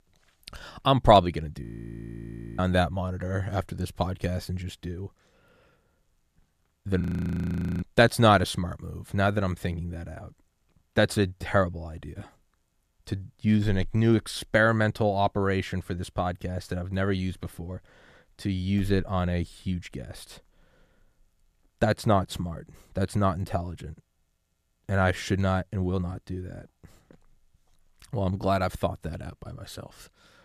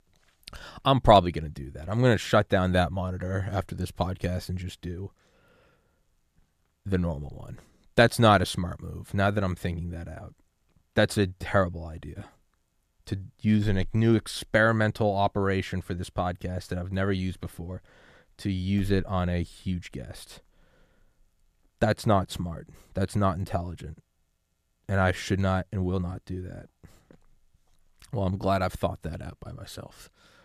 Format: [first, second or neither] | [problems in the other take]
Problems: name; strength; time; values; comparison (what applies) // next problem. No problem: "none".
second | audio freezing; at 1.5 s for 1 s and at 7 s for 1 s